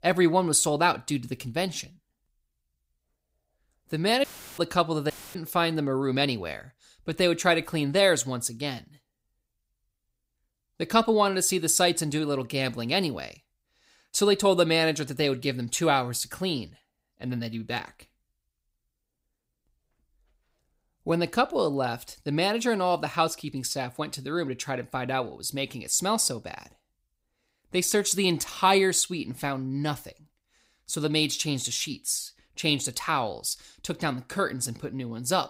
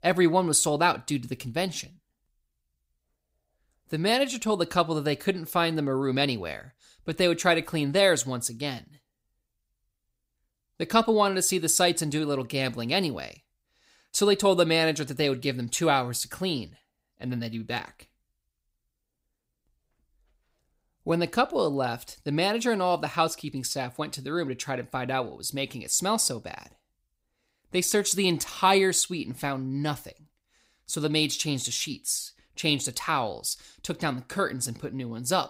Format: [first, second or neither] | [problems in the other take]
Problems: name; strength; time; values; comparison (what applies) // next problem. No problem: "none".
second | audio cutting out; filled with static; at 4 s and at 5 s